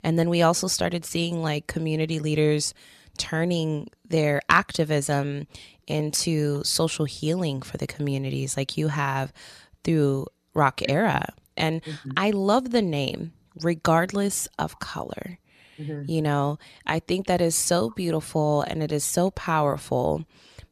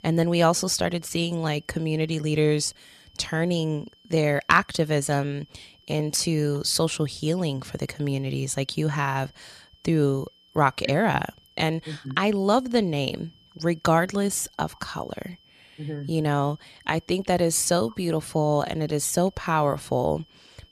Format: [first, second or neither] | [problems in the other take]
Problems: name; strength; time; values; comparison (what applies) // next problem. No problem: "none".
first | high-pitched whine; faint; throughout; 3 kHz, 30 dB below the speech